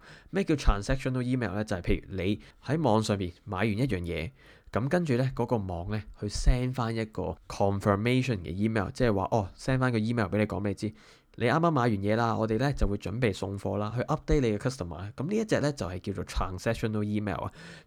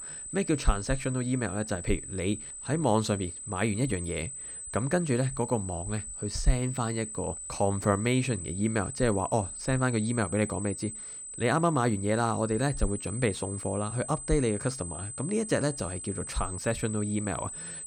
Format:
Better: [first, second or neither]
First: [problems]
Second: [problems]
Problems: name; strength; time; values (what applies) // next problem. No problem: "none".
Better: first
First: none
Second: high-pitched whine; loud; throughout; 8 kHz, 8 dB below the speech